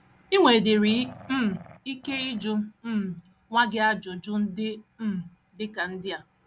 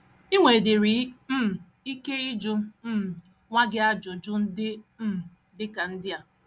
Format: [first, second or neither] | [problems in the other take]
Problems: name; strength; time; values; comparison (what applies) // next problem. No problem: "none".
second | background sound (Growling); 19 dB below the speech